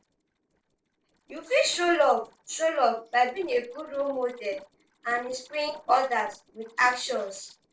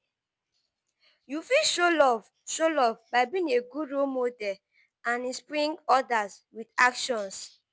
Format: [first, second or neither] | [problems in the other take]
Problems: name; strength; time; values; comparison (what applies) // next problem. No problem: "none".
second | noise reduction (neural separator model SepFormer DNS4)